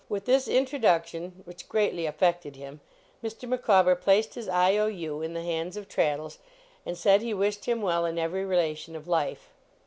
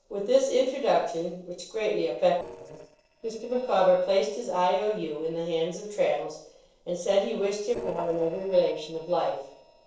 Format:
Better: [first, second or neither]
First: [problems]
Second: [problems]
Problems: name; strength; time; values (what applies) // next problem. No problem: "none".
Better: first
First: none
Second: noise reduction (neural separator model SepFormer DNS4)